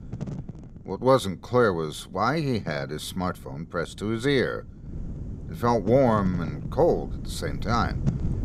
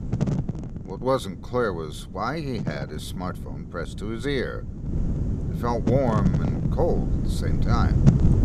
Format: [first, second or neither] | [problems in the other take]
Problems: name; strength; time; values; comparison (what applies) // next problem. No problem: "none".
first | wind noise on the microphone; heavy; 6 dB below the speech; occasional gusts in the first